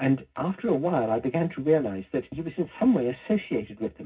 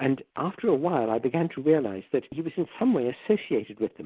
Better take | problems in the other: second | room echo; dies away in 0.4 s

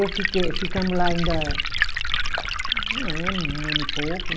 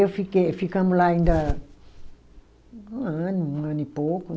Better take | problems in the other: second | background sound (Liquid); 3 dB above the speech

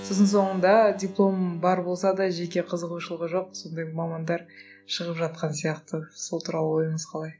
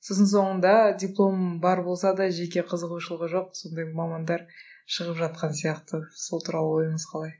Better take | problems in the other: second | background sound (Keyboard (musical)); 20 dB below the speech

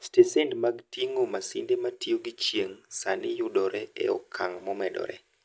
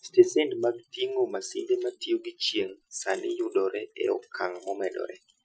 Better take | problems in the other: first | noise reduction (classical method Wiener filter)

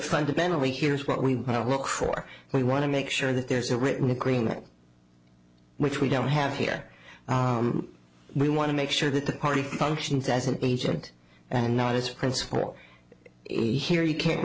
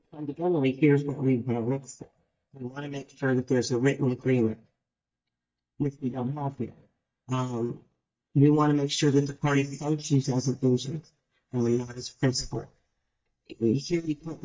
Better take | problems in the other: first | noise reduction (neural mask model DeepFilterNet 3)

